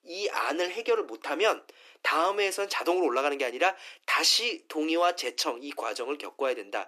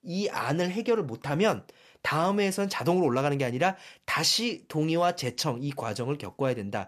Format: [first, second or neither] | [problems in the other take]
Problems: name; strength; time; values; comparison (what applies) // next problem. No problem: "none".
second | thin; very; fading below 300 Hz